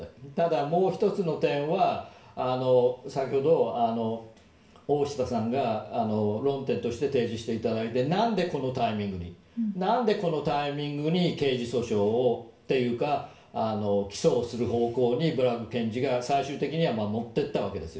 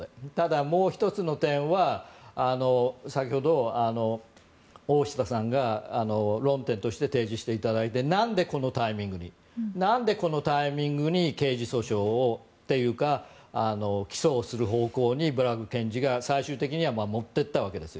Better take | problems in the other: second | room echo; dies away in 0.5 s

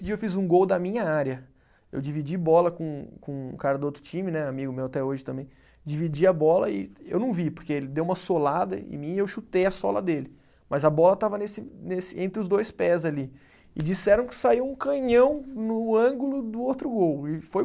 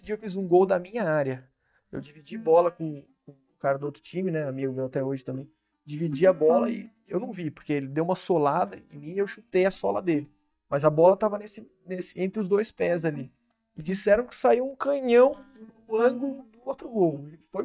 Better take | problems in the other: first | noise reduction (neural mask model DeepFilterNet 3)

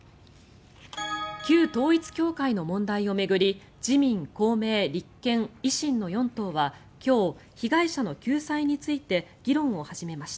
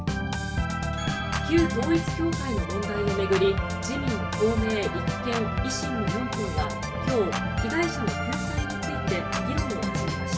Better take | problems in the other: first | background sound (Organ); 1 dB above the speech // room echo; dies away in 0.2 s

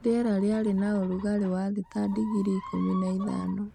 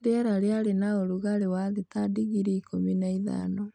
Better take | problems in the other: second | background sound (Chicken, rooster); 18 dB below the speech

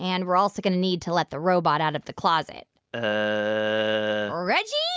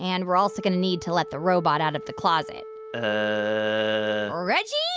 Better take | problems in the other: first | background sound (Wind instrument, woodwind instrument); 16 dB below the speech

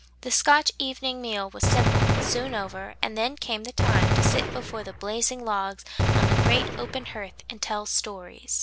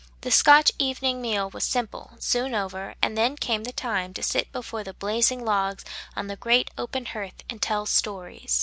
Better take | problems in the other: second | background sound (Gunshot, gunfire); 4 dB above the speech

